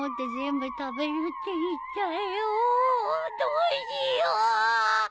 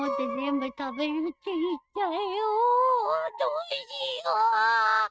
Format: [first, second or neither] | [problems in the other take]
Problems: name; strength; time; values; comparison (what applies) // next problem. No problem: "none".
first | noise reduction (neural mask model RNNoise)